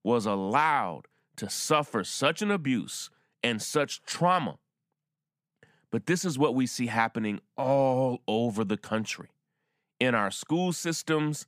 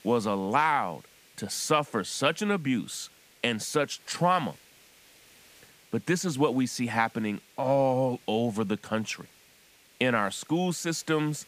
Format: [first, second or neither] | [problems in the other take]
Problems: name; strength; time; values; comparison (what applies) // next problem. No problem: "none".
first | hiss; faint; throughout; 25 dB below the speech